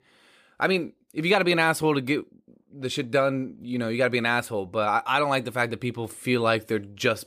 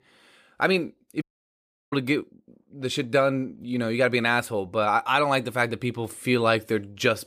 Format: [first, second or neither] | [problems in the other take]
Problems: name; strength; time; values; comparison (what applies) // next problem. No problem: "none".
first | audio cutting out; at 1 s for 0.5 s